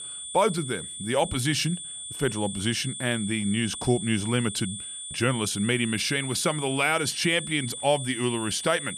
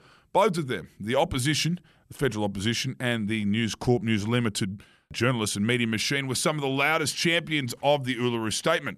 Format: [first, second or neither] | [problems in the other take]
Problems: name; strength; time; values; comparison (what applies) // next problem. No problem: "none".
second | high-pitched whine; loud; throughout; 8.5 kHz, 8 dB below the speech